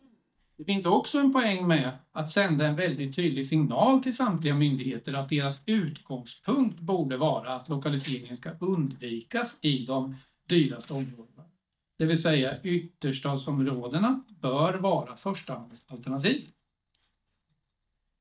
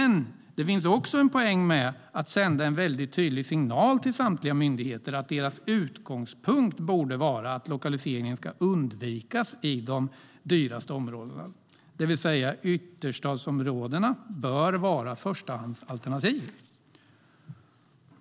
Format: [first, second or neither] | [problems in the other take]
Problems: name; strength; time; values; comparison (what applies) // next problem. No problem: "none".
second | noise reduction (neural mask model DeepFilterNet 3)